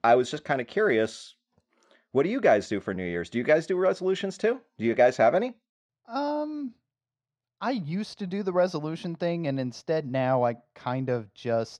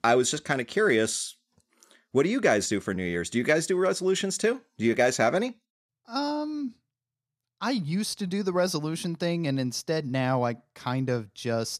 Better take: second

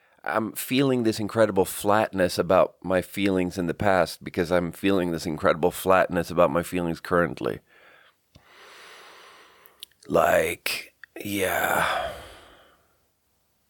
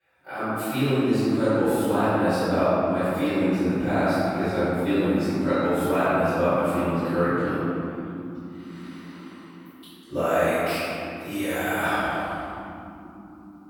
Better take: first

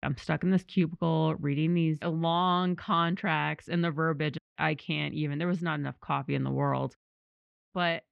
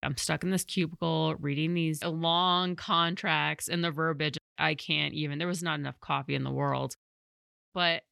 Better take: second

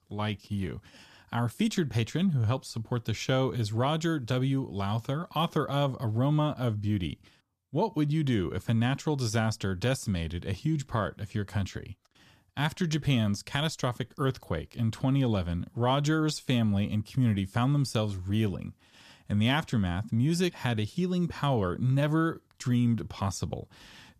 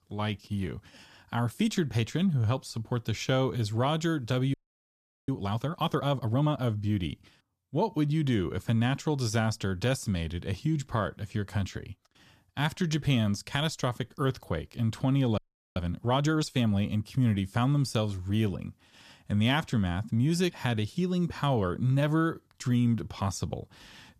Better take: first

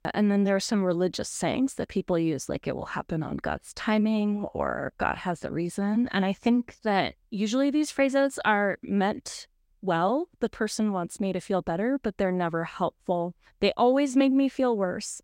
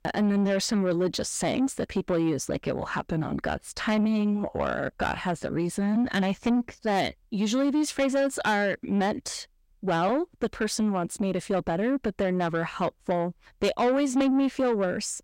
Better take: first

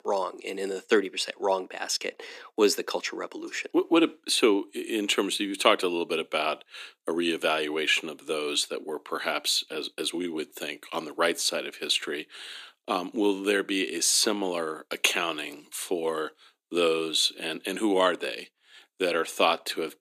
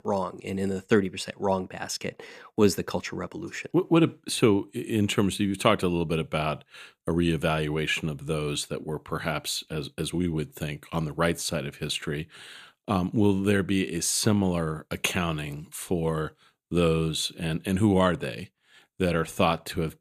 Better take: second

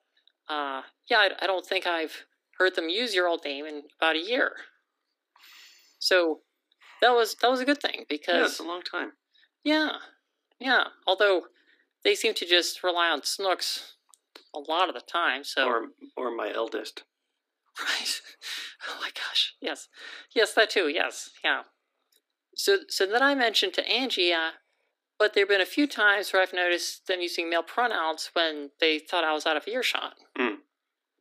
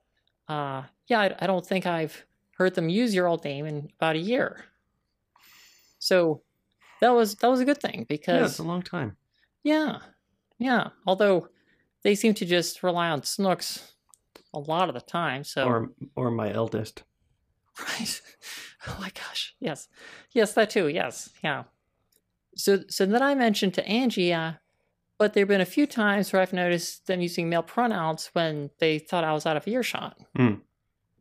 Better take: second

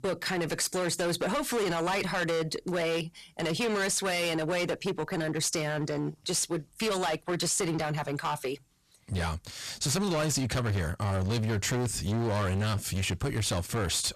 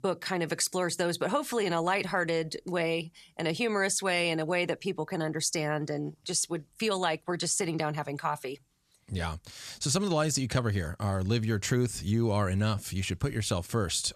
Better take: second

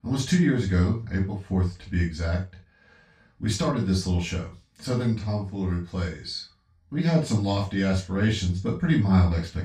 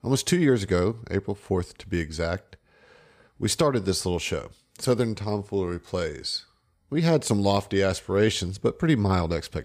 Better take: second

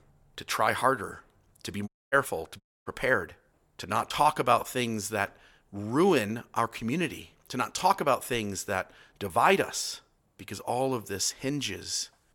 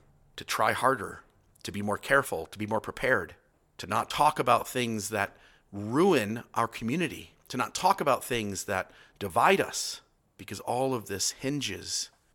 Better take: second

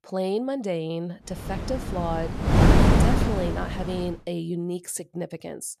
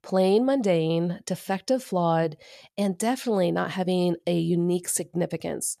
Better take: second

